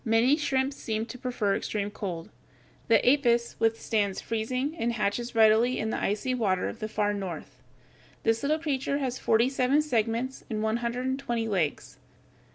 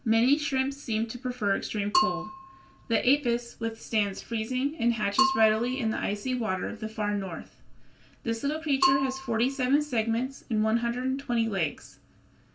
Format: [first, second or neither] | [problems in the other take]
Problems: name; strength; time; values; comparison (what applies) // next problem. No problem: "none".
first | background sound (Bell / Percussion); 7 dB below the speech // room echo; dies away in 0.2 s